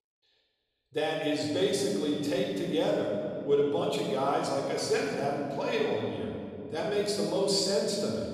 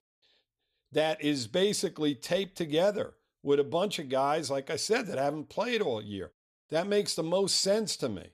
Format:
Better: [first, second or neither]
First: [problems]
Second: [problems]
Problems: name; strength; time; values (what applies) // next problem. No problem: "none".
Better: second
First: off-mic speech; somewhat distant // room echo; noticeable; dies away in 3 s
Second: none